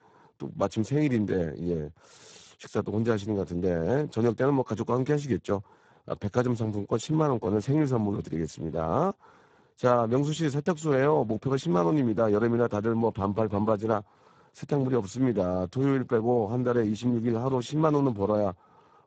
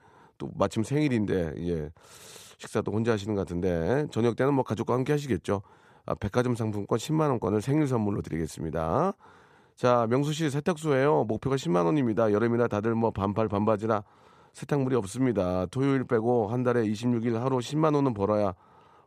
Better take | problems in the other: second | garbled, watery; badly; nothing above 7.5 kHz

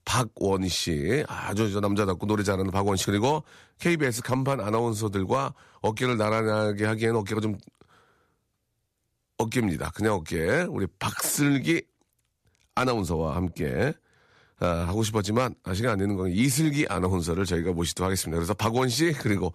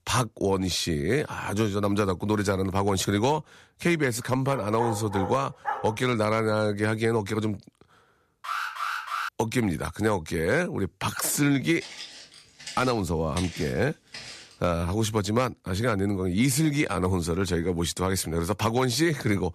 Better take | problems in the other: first | dog barking; noticeable; from 4.5 to 6 s; peak 7 dB below the speech // alarm; noticeable; at 8.5 s; peak 3 dB below the speech // footsteps; noticeable; from 12 to 15 s; peak 10 dB below the speech

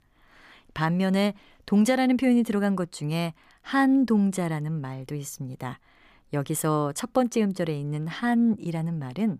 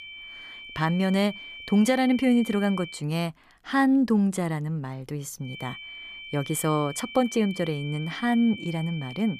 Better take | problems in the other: first | high-pitched whine; noticeable; until 3 s and from 5.5 s on; 2.5 kHz, 15 dB below the speech

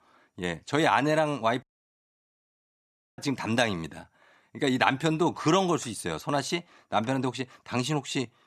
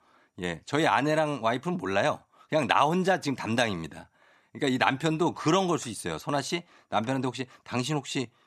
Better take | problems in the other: second | audio cutting out; at 1.5 s for 1.5 s

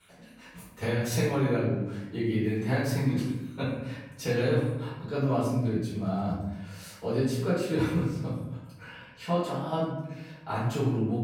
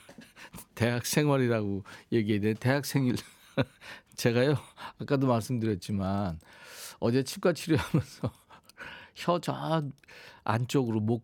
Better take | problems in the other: second | off-mic speech; far // room echo; noticeable; dies away in 1 s

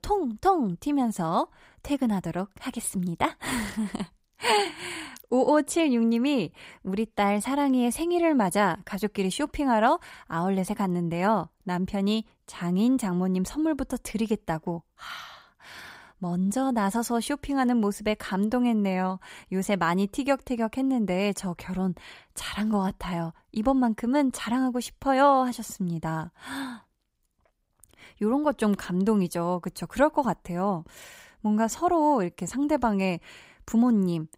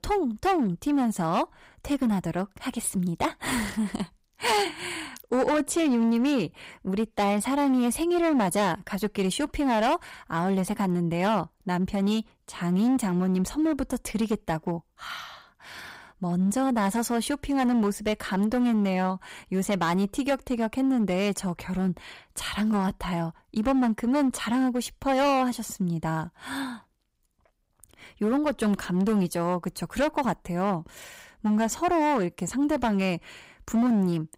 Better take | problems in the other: first | distortion; slight; 9% of the sound clipped

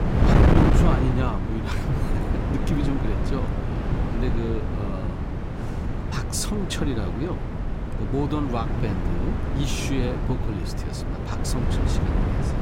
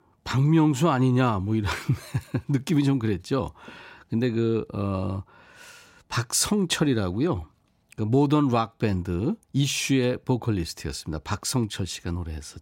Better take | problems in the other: second | wind noise on the microphone; heavy; 1 dB above the speech

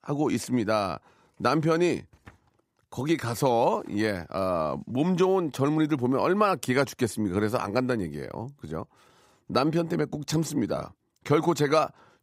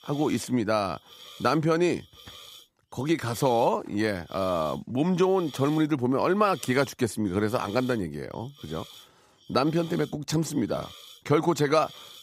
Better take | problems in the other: first | hiss; faint; throughout; 20 dB below the speech

